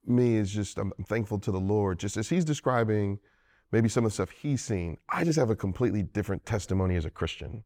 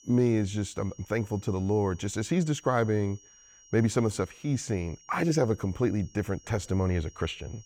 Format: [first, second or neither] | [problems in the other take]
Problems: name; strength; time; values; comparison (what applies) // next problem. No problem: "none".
first | high-pitched whine; faint; throughout; 5.5 kHz, 25 dB below the speech